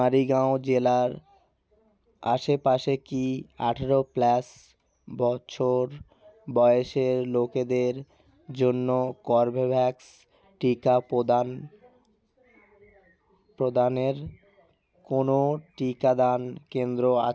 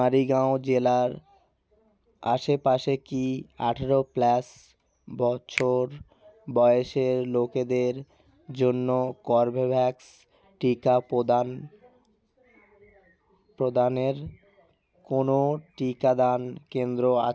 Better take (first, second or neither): first